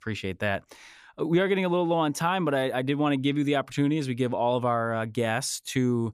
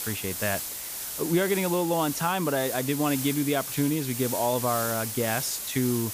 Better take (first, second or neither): first